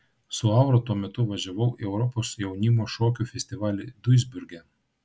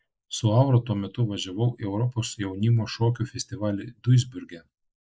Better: first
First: none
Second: noise reduction (neural mask model Resemble Enhance denoiser)

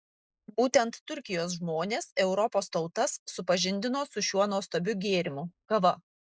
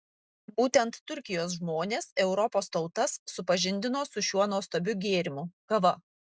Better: second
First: noise reduction (neural mask model Resemble Enhance denoiser)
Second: none

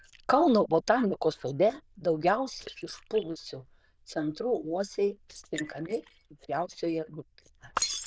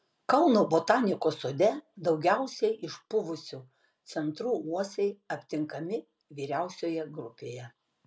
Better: second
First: noise reduction (neural diffusion model UNIVERSE++)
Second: none

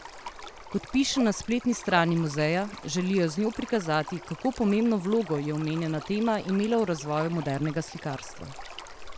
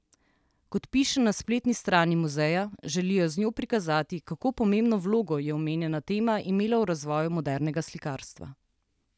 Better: second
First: background sound (Stream); 15 dB below the speech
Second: none

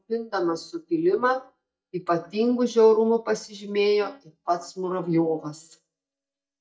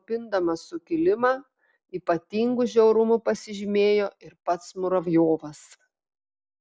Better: second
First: noise reduction (neural mask model DeepFilterNet 3)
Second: none

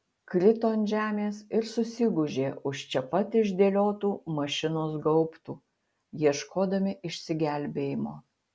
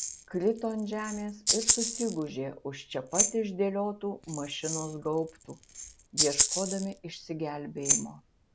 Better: first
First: none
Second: background sound (Rattle (instrument)); 1 dB above the speech

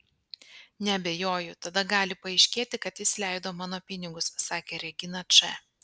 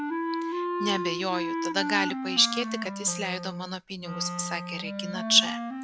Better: first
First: none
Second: background sound (Wind instrument, woodwind instrument); 2 dB below the speech

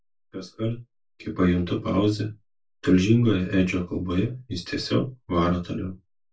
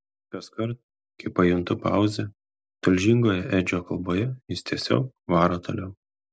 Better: second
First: room echo; dies away in 0.2 s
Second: none

